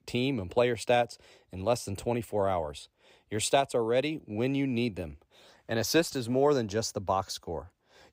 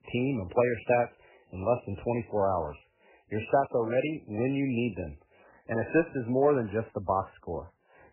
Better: first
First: none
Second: garbled, watery; badly; nothing above 3 kHz

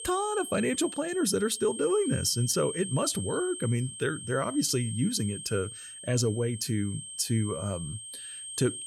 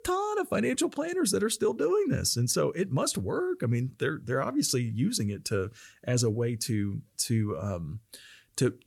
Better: second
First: high-pitched whine; loud; throughout; 8.5 kHz, 9 dB below the speech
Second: none

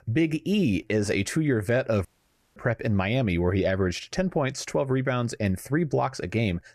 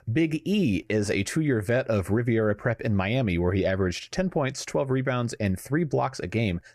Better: second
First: audio cutting out; at 2 s for 0.5 s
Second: none

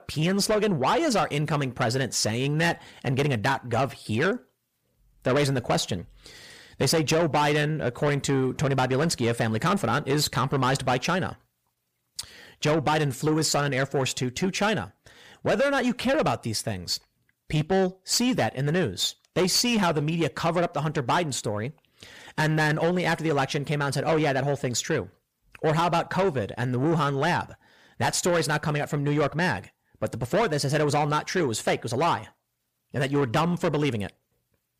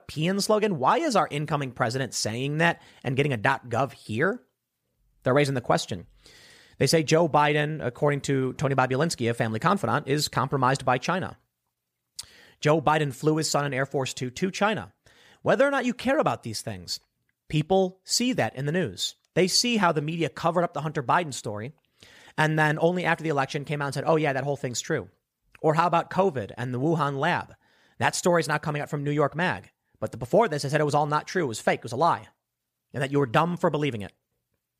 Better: second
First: distortion; heavy; 8 dB below the speech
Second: none

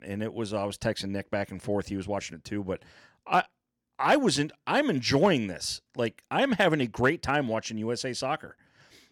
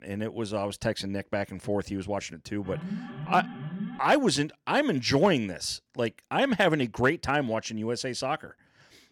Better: first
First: none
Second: alarm; noticeable; from 2.5 to 4 s; peak 8 dB below the speech

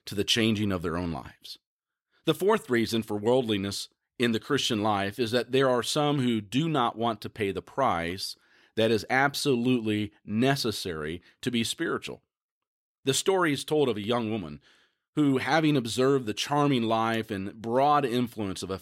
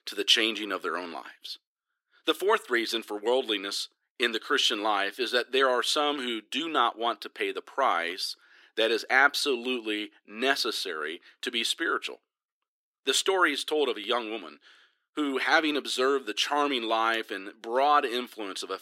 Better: first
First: none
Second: thin; somewhat; fading below 300 Hz

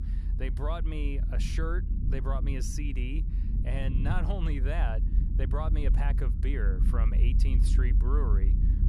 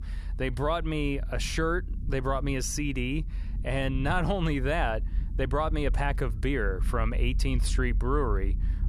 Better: second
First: low rumble; loud; throughout; 7 dB below the speech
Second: low rumble; faint; throughout; 20 dB below the speech

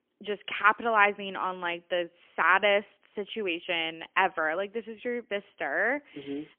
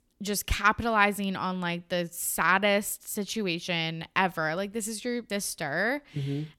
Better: second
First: phone-call audio; poor line; nothing above 3 kHz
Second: none

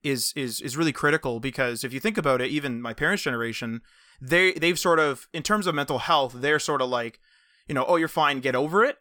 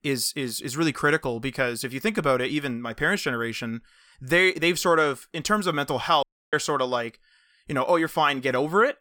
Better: first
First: none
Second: audio cutting out; at 6 s

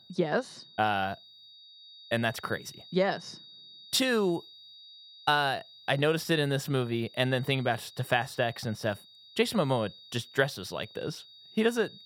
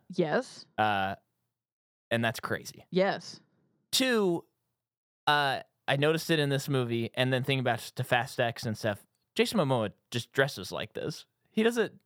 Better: second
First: high-pitched whine; noticeable; throughout; 4 kHz, 20 dB below the speech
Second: none

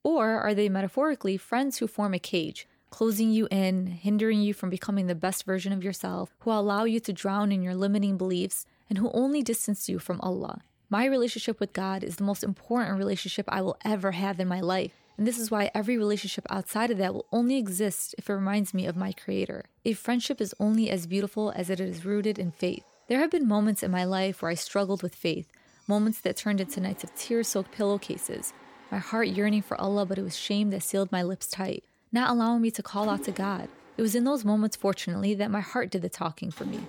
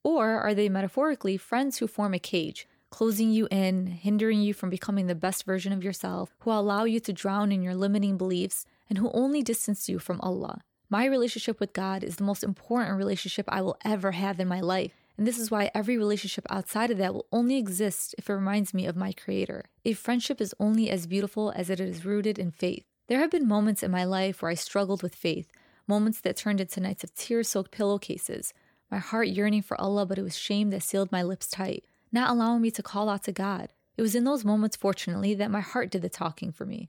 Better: second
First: machinery noise; faint; throughout; 20 dB below the speech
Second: none

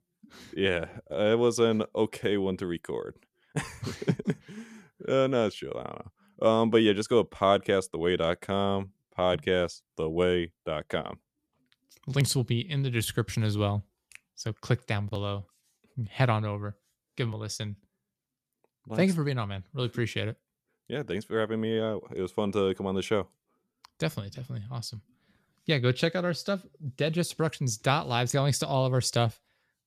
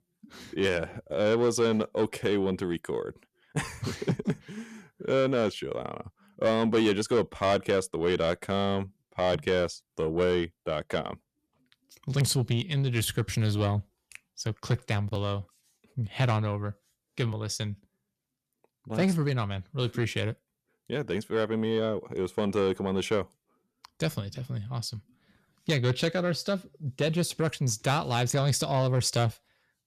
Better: first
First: none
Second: distortion; slight; 10 dB below the speech

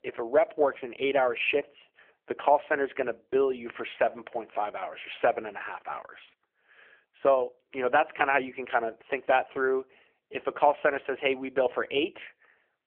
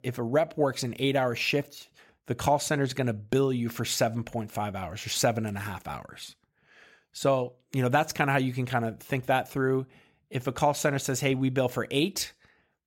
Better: second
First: phone-call audio; poor line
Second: none

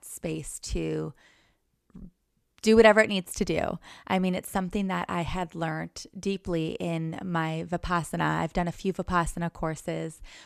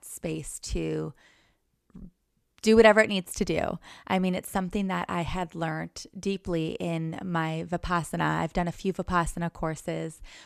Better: neither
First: none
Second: none

